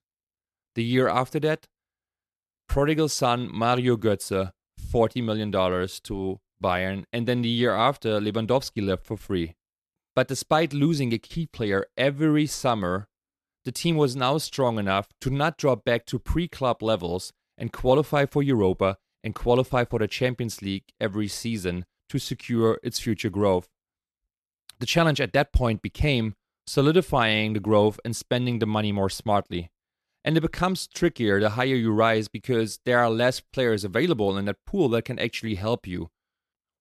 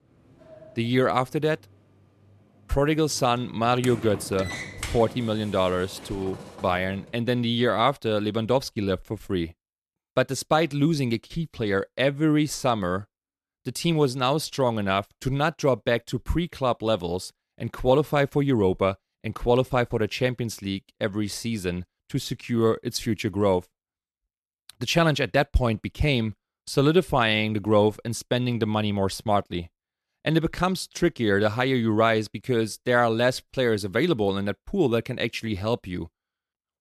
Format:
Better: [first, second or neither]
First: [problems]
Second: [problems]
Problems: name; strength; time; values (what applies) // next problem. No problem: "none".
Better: first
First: none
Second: door banging; noticeable; until 7 s; peak 8 dB below the speech